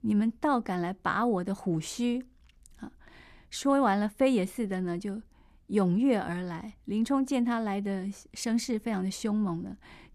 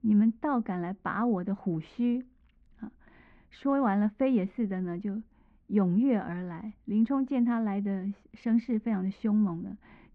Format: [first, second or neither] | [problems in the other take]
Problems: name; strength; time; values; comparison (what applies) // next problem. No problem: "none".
first | muffled; very; fading above 2.5 kHz